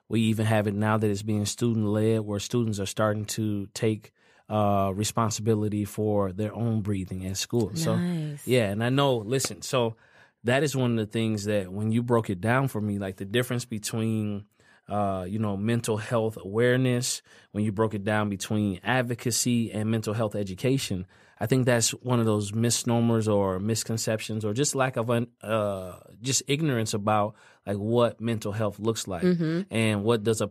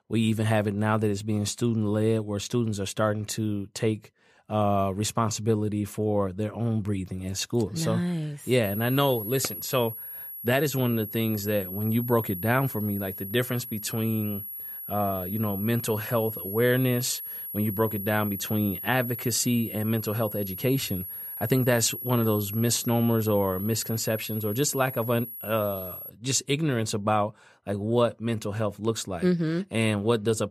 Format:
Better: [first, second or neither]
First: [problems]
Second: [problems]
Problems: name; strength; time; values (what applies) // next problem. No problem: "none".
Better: first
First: none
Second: high-pitched whine; loud; from 8.5 to 26 s; 11.5 kHz, 8 dB below the speech